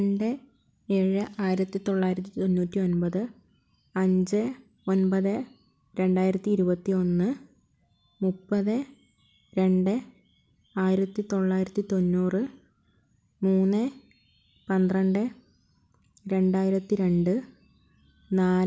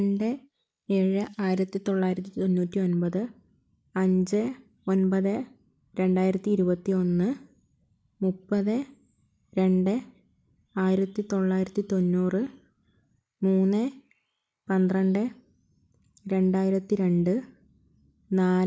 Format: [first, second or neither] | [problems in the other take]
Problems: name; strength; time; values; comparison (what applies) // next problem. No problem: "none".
first | noise reduction (neural mask model Resemble Enhance denoiser)